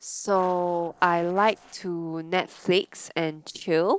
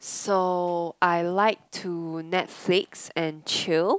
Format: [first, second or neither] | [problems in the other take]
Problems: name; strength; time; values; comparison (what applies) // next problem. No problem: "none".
second | noise reduction (neural separator model SepFormer DNS4)